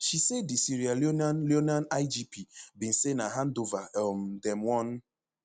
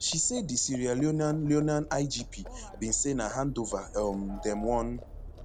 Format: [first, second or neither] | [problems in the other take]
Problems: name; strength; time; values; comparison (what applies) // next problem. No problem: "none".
first | background sound (Livestock, farm animals, working animals + Piano); 13 dB below the speech